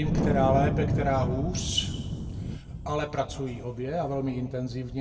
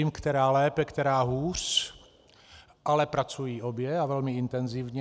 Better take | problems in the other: second | background sound (Wind); 1 dB below the speech // room echo; dies away in 1.4 s

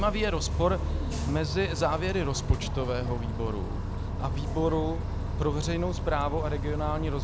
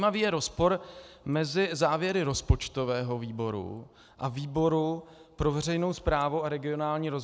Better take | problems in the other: second | background sound (Bus); 1 dB below the speech

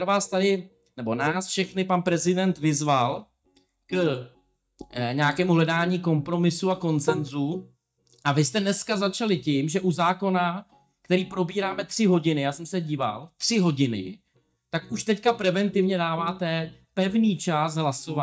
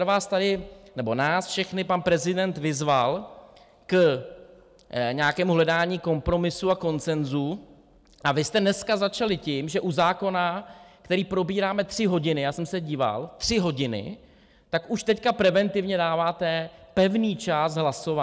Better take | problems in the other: second | noise reduction (neural mask model DeepFilterNet 3)

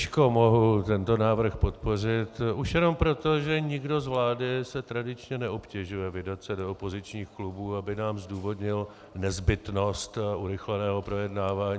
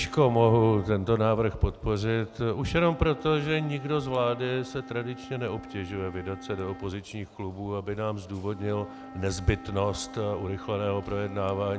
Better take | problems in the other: first | background sound (Wind instrument, woodwind instrument); 17 dB below the speech

